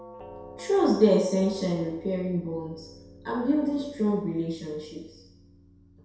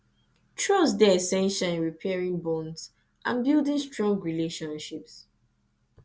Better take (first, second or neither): second